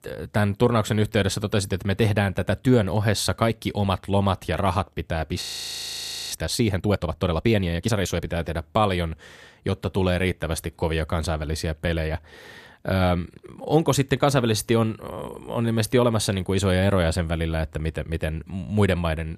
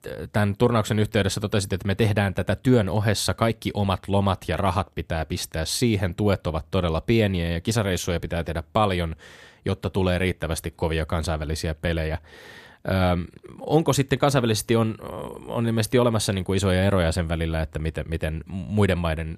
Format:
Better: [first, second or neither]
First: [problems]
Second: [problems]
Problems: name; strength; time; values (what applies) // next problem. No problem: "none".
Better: second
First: audio freezing; at 5.5 s for 1 s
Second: none